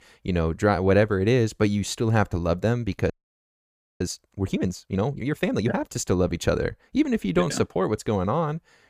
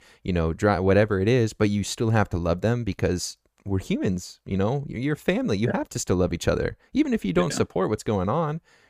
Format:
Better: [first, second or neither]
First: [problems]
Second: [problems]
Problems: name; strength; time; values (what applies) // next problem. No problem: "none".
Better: second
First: audio freezing; at 3 s for 1 s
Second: none